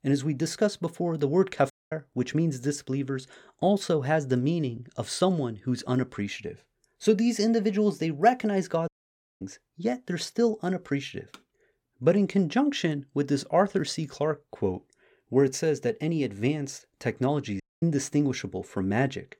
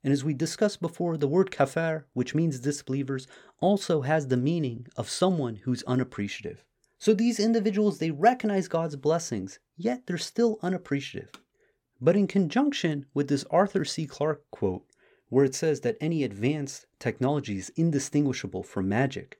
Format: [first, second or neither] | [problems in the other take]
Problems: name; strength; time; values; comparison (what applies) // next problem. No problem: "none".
second | audio cutting out; at 1.5 s, at 9 s for 0.5 s and at 18 s